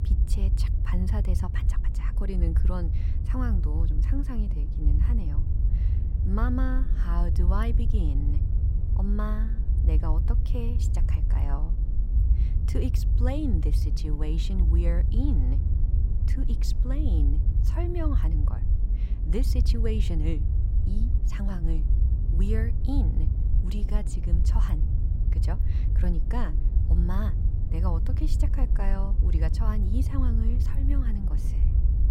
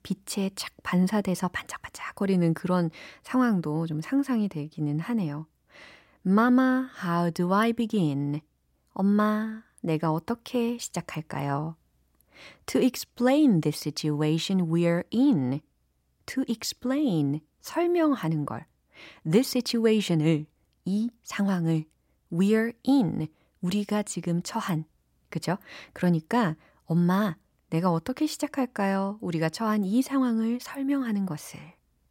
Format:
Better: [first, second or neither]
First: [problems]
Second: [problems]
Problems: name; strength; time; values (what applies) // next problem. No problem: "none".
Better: second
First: low rumble; loud; throughout; 5 dB below the speech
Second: none